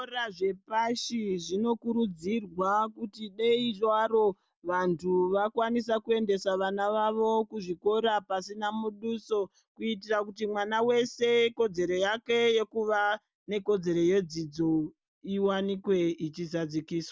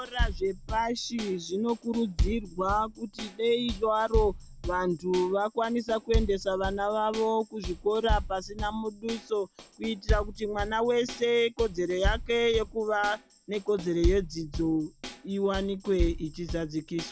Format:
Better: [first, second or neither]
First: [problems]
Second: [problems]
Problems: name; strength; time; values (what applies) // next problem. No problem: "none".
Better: first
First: none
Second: background sound (Bass drum / Snare drum / Drum kit); 6 dB below the speech